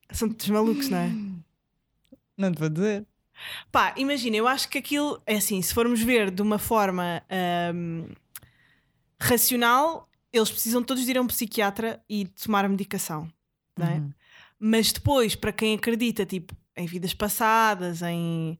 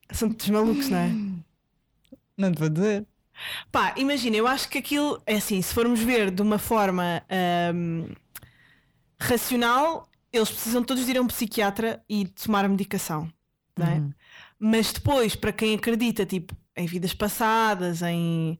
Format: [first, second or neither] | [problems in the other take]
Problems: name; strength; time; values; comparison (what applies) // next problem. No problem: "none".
first | distortion; slight; 10 dB below the speech